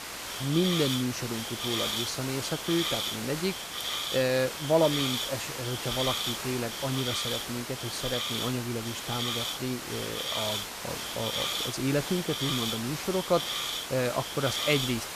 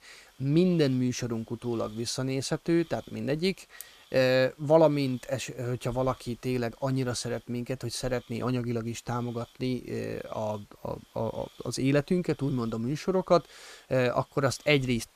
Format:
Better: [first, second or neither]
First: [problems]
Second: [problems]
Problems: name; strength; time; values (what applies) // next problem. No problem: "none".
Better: second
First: hiss; loud; throughout; as loud as the speech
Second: hiss; faint; throughout; 30 dB below the speech